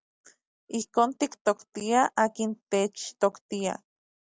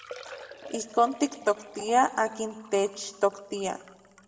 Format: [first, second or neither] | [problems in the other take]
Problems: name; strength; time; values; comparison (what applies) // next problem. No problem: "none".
first | background sound (Liquid); 18 dB below the speech // room echo; dies away in 1 s